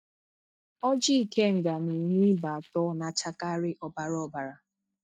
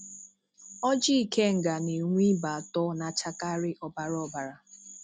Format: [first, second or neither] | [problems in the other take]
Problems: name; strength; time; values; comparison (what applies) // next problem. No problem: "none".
second | noise reduction (neural mask model DeepFilterNet 3)